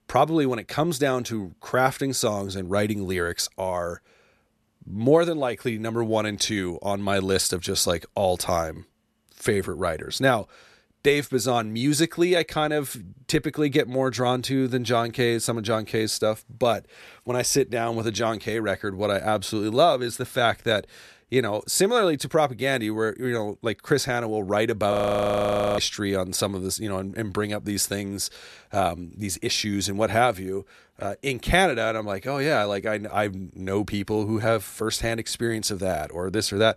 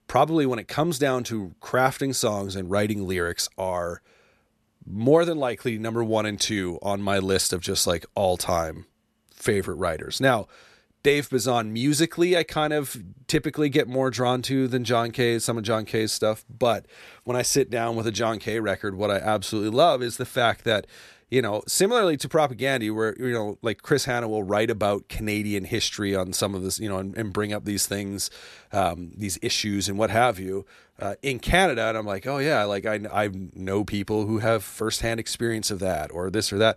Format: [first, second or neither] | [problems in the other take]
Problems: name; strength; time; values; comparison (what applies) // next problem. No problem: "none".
second | audio freezing; at 25 s for 1 s